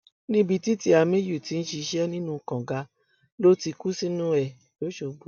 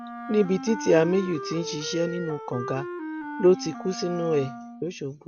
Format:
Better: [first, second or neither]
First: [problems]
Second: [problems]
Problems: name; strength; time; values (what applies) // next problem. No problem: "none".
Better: first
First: none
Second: background sound (Wind instrument, woodwind instrument); 10 dB below the speech